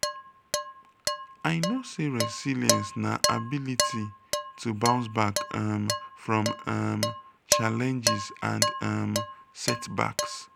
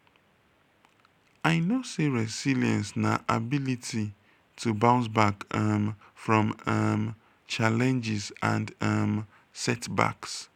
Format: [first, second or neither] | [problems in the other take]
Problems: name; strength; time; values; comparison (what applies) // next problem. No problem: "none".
second | background sound (Dishes, pots, and pans); 2 dB below the speech